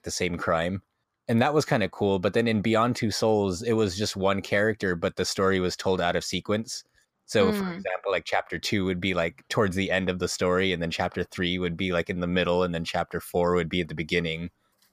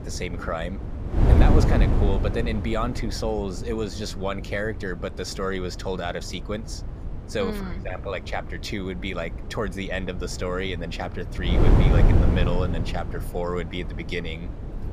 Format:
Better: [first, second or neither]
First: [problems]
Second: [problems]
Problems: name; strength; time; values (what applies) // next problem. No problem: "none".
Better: first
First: none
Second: wind noise on the microphone; heavy; 5 dB below the speech